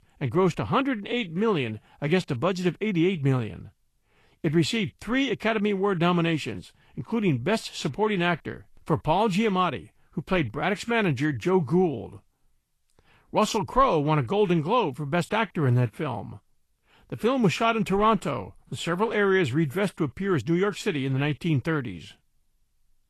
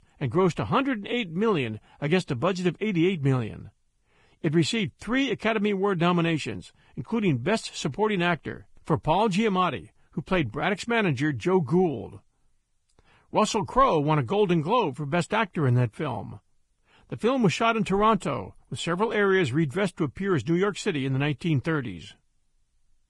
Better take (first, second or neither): first